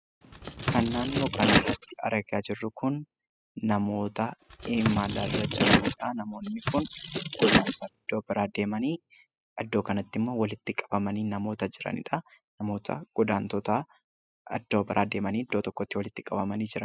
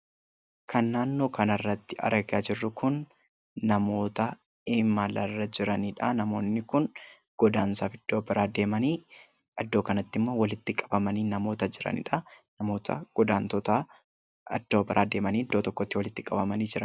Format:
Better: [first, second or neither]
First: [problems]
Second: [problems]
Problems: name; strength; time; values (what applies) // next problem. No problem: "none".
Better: second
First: noise reduction (classical method spectral subtraction)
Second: none